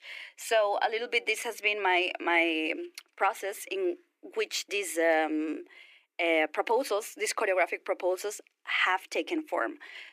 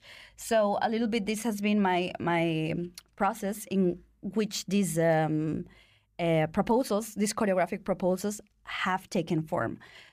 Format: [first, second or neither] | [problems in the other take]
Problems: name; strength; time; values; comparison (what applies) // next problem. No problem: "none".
second | thin; very; fading below 300 Hz